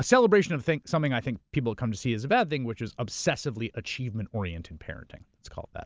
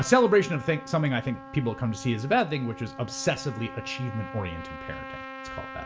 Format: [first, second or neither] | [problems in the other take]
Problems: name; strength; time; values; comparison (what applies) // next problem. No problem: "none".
first | background sound (Trumpet); 14 dB below the speech // room echo; dies away in 0.3 s